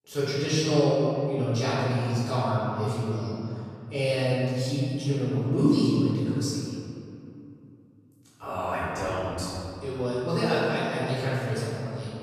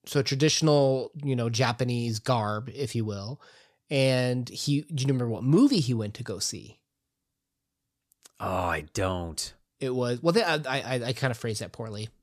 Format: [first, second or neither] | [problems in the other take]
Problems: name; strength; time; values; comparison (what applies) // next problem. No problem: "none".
second | off-mic speech; far // room echo; strong; dies away in 2.5 s